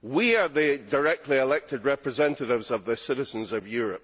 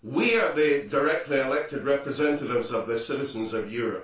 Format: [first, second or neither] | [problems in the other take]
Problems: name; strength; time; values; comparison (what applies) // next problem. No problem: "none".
first | room echo; dies away in 0.3 s